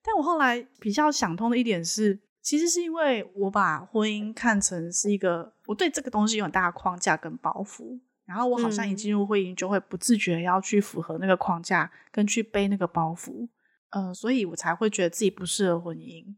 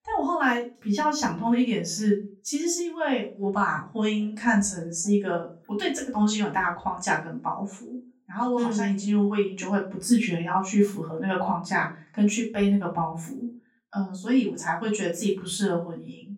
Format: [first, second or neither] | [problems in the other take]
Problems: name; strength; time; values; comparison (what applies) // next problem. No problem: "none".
first | room echo; slight; dies away in 0.3 s // off-mic speech; far